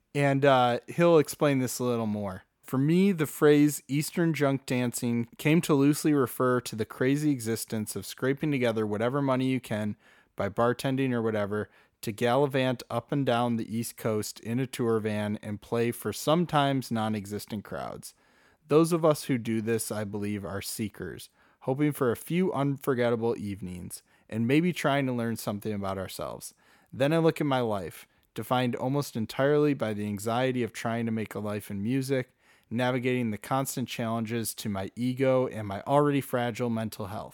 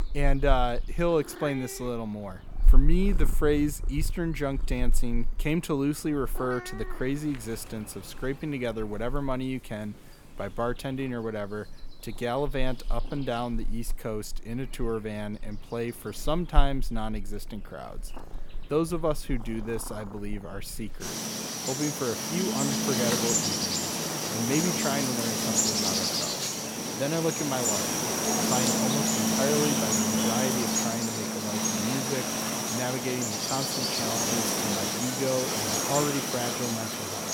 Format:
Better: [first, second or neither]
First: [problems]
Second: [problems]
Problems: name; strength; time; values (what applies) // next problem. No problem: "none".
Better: first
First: none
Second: animal sounds; very loud; throughout; 4 dB above the speech